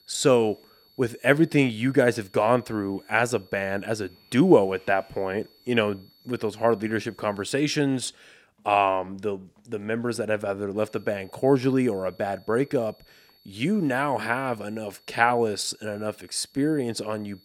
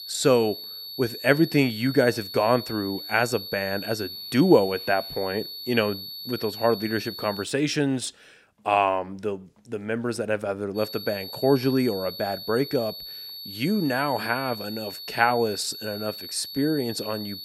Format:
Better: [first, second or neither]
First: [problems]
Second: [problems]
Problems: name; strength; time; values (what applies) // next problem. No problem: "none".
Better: first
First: high-pitched whine; faint; until 7.5 s and from 11 s on; 4.5 kHz, 30 dB below the speech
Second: high-pitched whine; loud; until 7.5 s and from 11 s on; 4.5 kHz, 10 dB below the speech